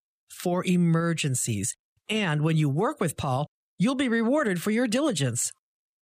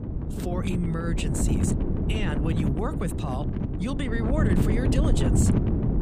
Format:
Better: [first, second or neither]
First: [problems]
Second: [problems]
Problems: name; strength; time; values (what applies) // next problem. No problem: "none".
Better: first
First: none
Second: wind noise on the microphone; heavy; as loud as the speech